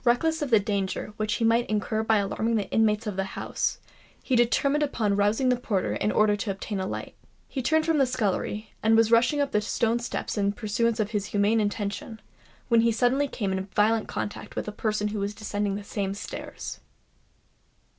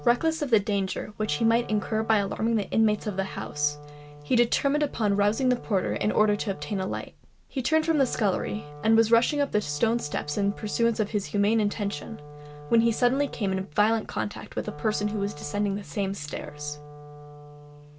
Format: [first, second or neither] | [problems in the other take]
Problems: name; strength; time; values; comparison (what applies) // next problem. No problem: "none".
first | background sound (Wind instrument, woodwind instrument); 16 dB below the speech